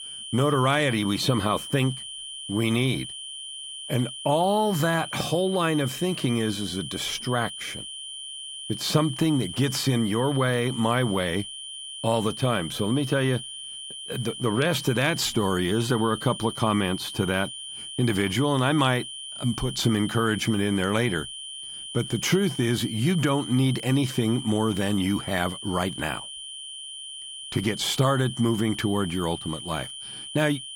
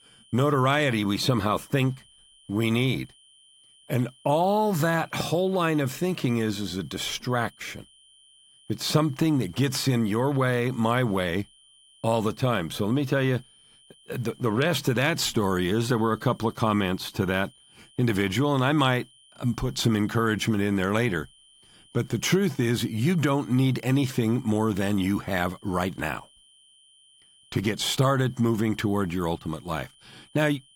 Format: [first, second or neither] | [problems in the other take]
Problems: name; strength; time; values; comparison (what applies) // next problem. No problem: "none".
second | high-pitched whine; loud; throughout; 3 kHz, 10 dB below the speech; faint in the second